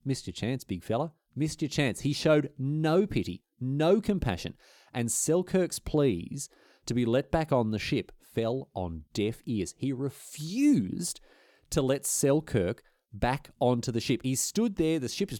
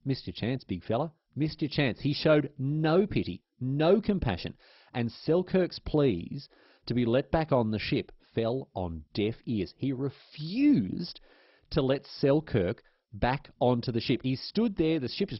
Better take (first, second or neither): first